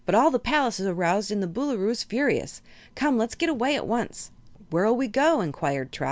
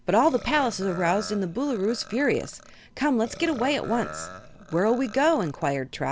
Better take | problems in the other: first | background sound (Burping, eructation); 17 dB below the speech

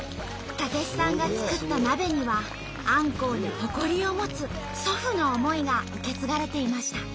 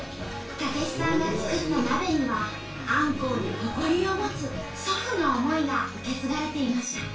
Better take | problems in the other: first | room echo; dies away in 0.3 s

